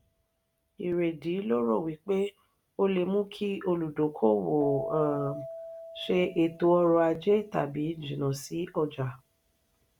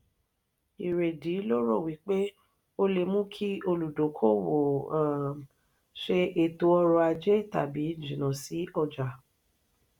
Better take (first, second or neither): second